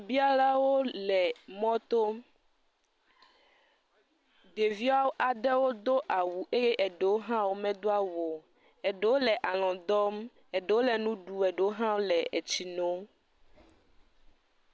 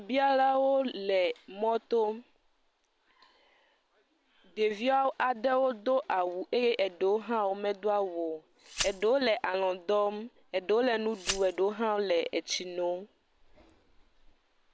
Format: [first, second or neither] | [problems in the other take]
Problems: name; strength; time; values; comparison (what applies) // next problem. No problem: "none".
first | background sound (Glass); 12 dB below the speech